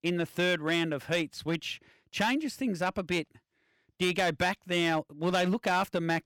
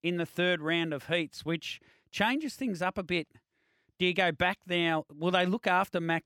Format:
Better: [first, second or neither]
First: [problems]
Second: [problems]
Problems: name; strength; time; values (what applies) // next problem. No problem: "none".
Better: second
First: distortion; slight; 5% of the sound clipped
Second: none